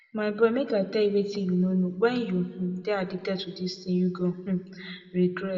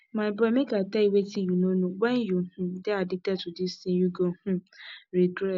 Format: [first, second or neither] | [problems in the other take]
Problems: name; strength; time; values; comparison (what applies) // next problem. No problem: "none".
second | room echo; dies away in 1.3 s